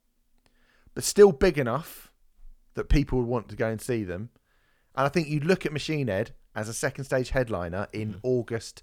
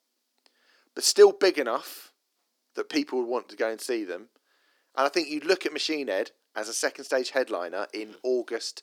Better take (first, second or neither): first